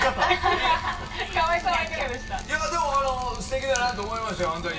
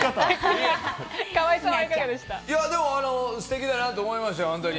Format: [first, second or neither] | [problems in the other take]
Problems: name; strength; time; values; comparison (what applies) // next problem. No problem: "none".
second | background sound (Drip); 11 dB below the speech // room echo; dies away in 0.2 s